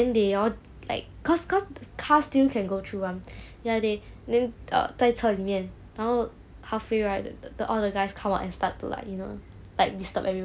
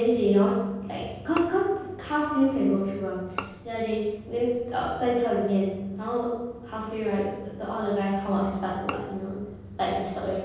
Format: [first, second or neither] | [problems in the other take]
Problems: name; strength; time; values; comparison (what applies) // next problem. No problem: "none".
first | background sound (Bowed string instrument); 16 dB below the speech // room echo; dies away in 1.3 s